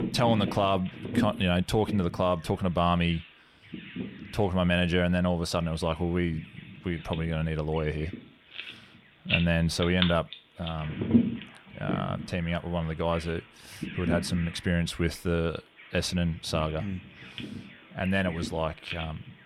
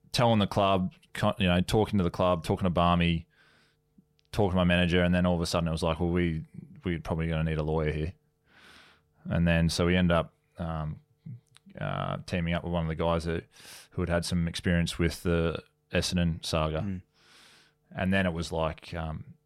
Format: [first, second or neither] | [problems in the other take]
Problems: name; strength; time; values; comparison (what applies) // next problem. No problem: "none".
second | animal sounds; loud; throughout; 6 dB below the speech